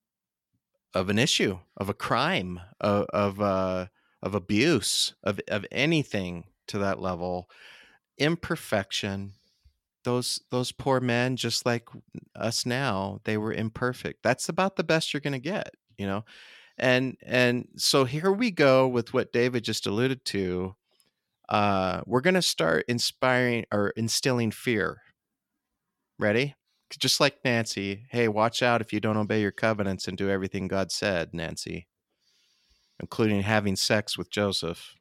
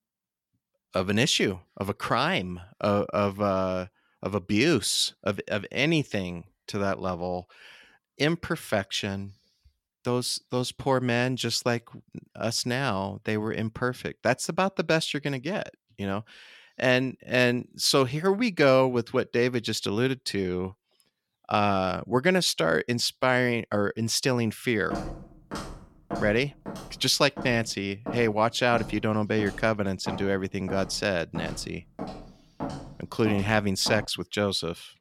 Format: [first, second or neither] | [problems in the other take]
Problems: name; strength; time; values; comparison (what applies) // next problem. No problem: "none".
first | footsteps; noticeable; from 25 to 34 s; peak 8 dB below the speech